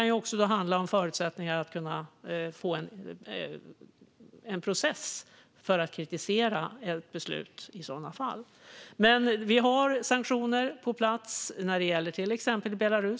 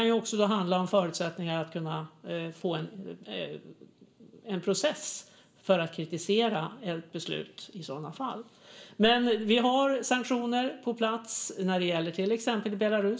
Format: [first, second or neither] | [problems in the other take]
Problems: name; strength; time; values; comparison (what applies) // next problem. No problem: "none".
first | room echo; dies away in 0.4 s